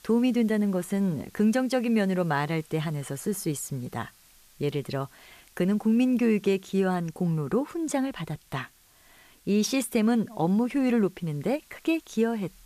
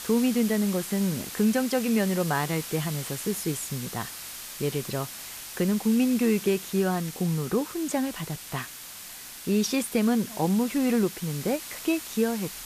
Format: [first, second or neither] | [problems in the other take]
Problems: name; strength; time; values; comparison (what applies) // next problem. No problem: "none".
first | hiss; loud; throughout; 10 dB below the speech; faint in the first